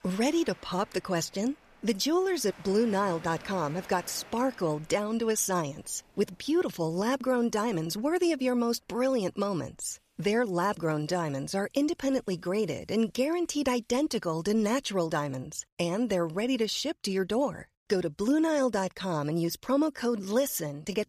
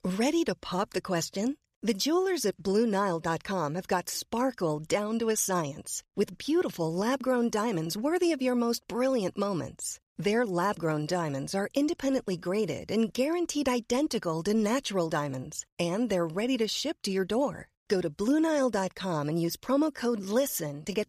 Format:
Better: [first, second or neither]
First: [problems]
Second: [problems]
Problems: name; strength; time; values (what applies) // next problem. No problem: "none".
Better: second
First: rain or running water; faint; until 14 s; 20 dB below the speech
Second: none